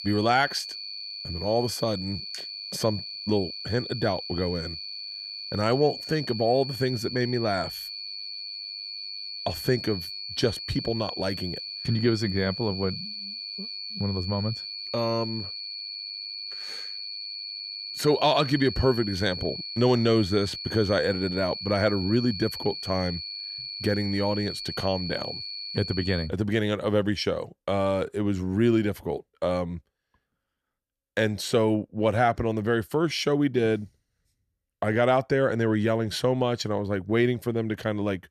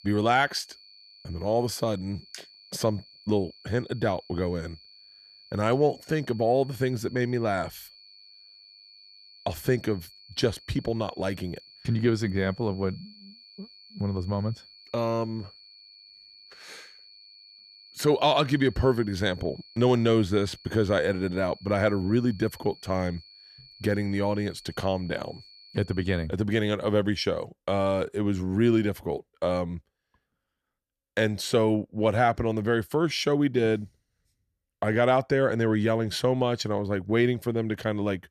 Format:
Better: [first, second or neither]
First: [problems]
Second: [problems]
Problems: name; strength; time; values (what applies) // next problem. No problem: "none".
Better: second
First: high-pitched whine; loud; until 26 s; 4.5 kHz, 7 dB below the speech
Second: high-pitched whine; faint; until 26 s; 4.5 kHz, 25 dB below the speech